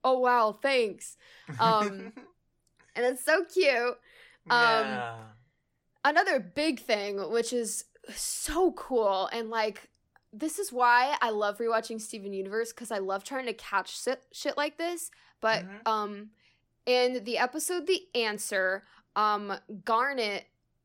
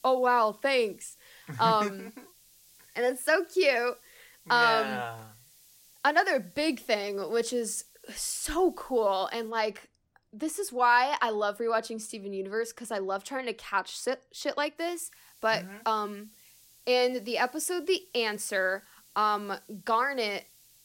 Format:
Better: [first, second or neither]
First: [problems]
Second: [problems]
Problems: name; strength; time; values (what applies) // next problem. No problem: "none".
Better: first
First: none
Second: hiss; faint; until 9.5 s and from 15 s on; 25 dB below the speech